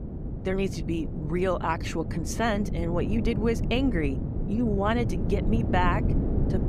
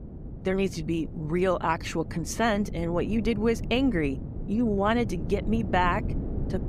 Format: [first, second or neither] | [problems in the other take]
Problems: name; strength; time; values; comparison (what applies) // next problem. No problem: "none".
second | wind noise on the microphone; heavy; 9 dB below the speech; occasional gusts in the second